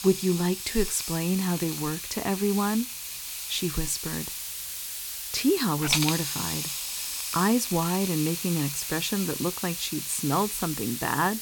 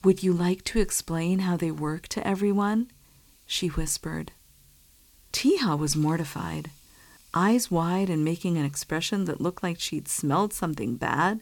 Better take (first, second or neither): second